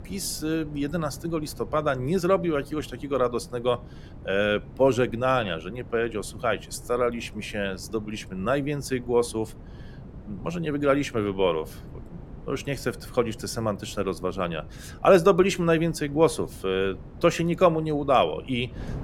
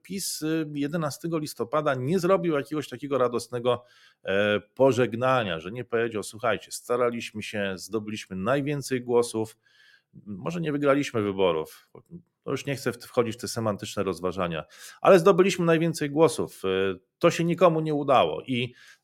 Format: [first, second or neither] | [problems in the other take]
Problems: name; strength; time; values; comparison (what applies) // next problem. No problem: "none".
second | wind noise on the microphone; occasional gusts; 25 dB below the speech